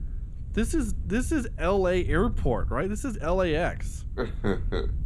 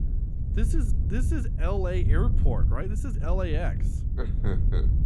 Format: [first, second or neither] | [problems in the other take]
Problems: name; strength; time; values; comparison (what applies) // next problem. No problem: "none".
first | wind noise on the microphone; heavy; 7 dB below the speech; occasional gusts in the first